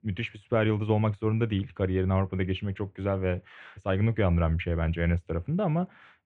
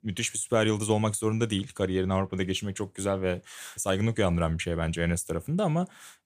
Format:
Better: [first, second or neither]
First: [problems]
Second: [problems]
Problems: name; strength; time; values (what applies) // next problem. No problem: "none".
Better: second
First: muffled; very; fading above 2.5 kHz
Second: none